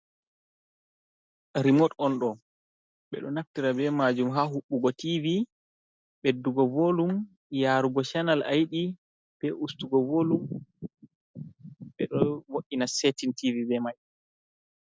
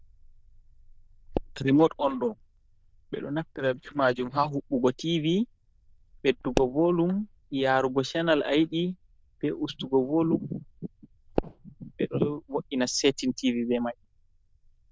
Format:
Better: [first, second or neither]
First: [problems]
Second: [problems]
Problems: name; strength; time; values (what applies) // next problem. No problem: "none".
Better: first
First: none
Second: noise reduction (neural diffusion model UNIVERSE++)